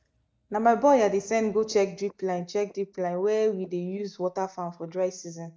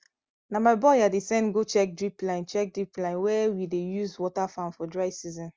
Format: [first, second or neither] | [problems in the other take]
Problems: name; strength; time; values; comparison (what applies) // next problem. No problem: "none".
second | noise reduction (neural mask model DeepFilterNet 3)